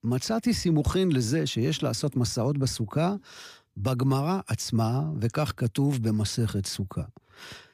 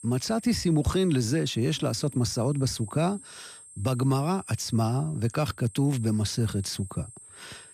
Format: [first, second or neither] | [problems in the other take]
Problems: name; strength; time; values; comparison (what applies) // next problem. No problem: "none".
first | high-pitched whine; noticeable; throughout; 8.5 kHz, 20 dB below the speech